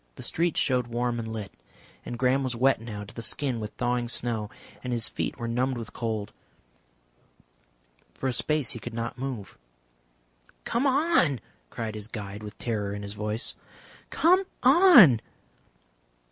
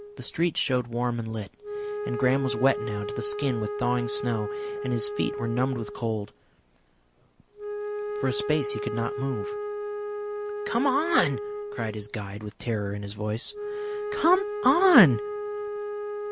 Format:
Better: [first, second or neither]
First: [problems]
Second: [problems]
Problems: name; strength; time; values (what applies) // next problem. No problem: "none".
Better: first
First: none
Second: background sound (Wind instrument, woodwind instrument); 6 dB below the speech